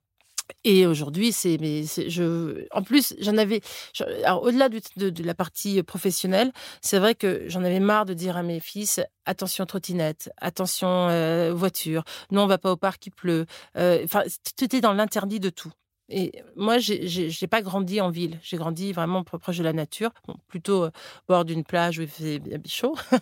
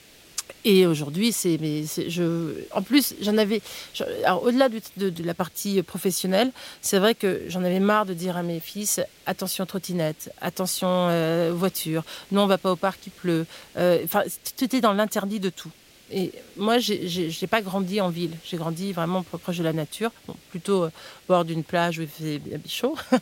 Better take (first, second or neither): first